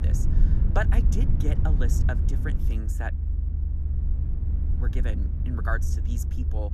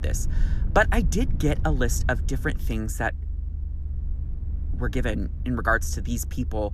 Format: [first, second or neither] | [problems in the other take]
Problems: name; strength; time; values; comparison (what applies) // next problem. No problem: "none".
second | low rumble; loud; throughout; 6 dB below the speech; faint in the second